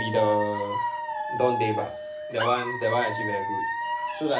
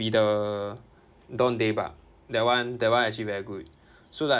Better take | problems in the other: second | background sound (Alarm / Dog); 2 dB below the speech // room echo; dies away in 0.3 s

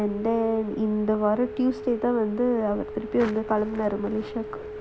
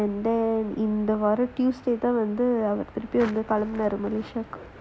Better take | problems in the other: second | background sound (Telephone); 11 dB below the speech

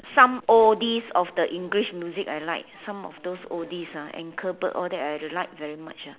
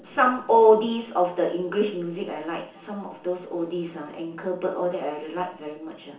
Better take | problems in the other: first | room echo; dies away in 0.7 s

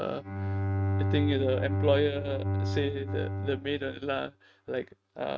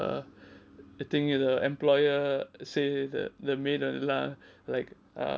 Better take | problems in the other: second | noise reduction (neural mask model RNNoise)

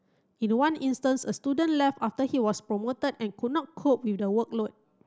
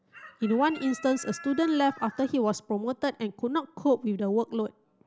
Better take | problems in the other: first | background sound (Chicken, rooster); 18 dB below the speech

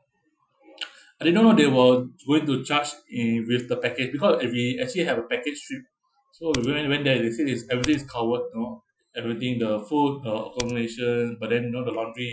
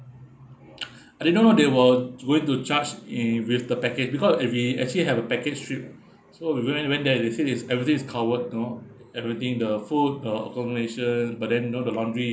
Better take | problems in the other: second | noise reduction (classical method Wiener filter)

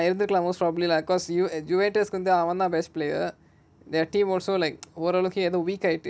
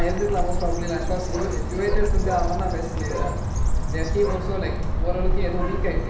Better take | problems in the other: first | background sound (Bird); 5 dB above the speech // room echo; dies away in 0.8 s

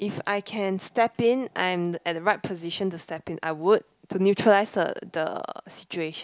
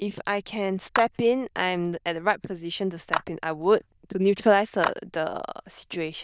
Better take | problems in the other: first | noise reduction (neural diffusion model UNIVERSE++)

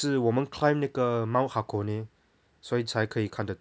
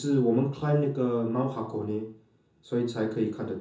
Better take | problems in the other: first | room echo; dies away in 0.6 s

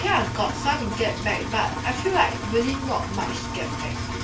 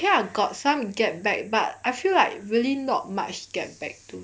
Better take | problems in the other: second | background sound (Engine); 4 dB below the speech // room echo; dies away in 0.2 s

